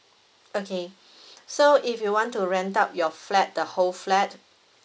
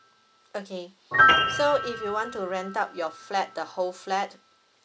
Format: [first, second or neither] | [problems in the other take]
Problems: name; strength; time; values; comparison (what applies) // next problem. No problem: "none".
first | background sound (Piano); 2 dB above the speech